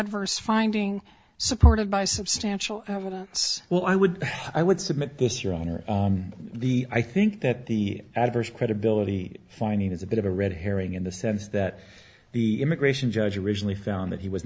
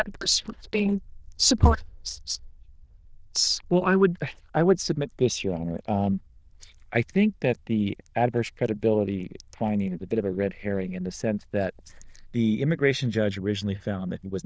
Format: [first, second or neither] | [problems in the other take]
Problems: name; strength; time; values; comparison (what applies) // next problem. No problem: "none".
first | noise reduction (neural diffusion model UNIVERSE++)